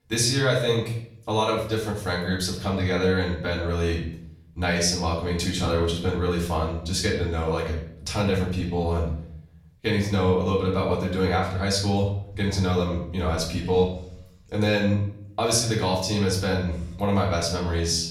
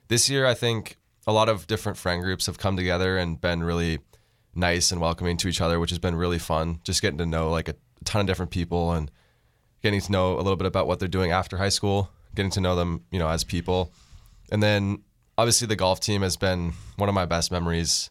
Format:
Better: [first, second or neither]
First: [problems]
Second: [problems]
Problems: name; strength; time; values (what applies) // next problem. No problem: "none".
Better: second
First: off-mic speech; far // room echo; noticeable; dies away in 0.6 s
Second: none